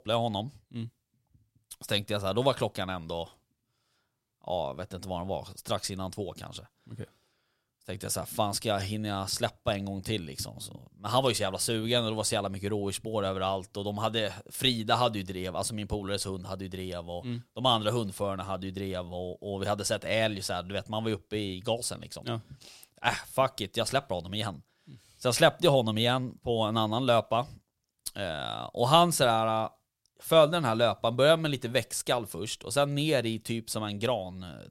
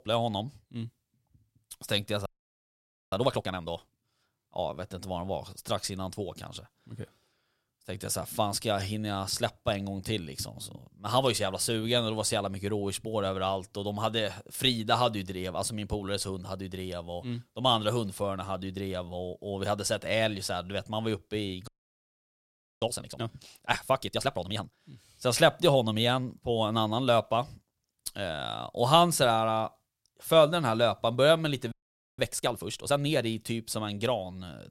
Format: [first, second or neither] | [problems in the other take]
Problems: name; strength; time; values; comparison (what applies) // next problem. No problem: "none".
first | audio freezing; at 2.5 s for 1 s, at 22 s for 1 s and at 32 s